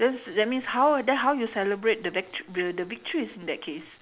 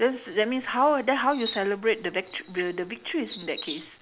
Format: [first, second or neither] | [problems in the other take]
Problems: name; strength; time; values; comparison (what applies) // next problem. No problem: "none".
first | background sound (Chirp, tweet); 14 dB below the speech